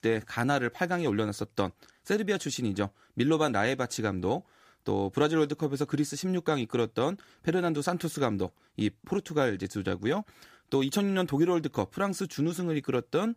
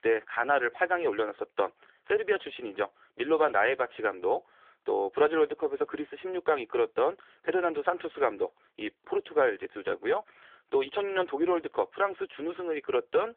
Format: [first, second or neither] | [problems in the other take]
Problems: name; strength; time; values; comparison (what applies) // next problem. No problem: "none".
first | phone-call audio; nothing above 3.5 kHz